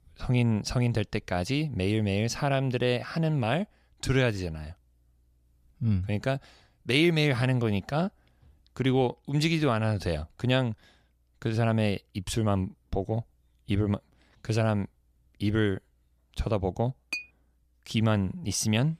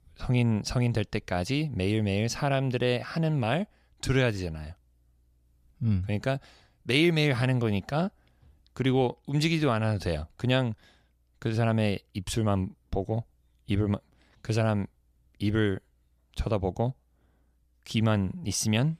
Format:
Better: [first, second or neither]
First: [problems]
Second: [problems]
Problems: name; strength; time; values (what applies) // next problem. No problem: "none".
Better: second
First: clattering dishes; noticeable; at 17 s; peak 7 dB below the speech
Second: none